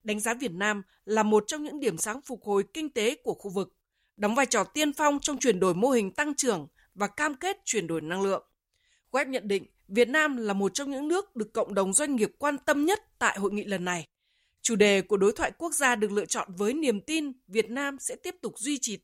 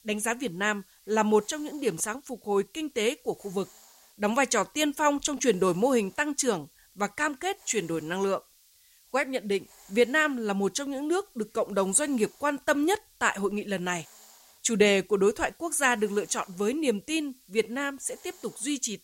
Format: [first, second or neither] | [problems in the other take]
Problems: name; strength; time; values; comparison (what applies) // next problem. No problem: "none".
first | hiss; faint; throughout; 25 dB below the speech